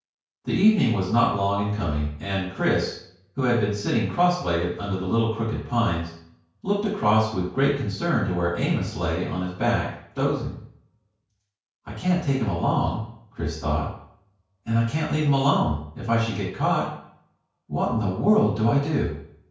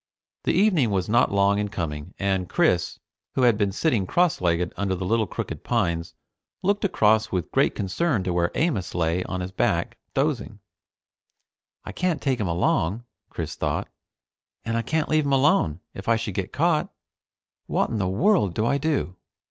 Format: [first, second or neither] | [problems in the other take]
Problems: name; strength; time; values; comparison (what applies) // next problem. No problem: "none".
second | room echo; dies away in 0.5 s